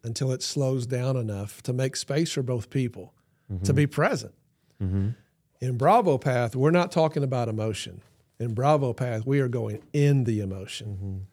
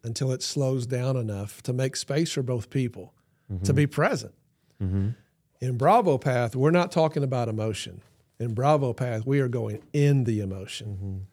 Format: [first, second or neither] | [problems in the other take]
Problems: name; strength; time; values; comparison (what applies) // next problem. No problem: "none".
neither | none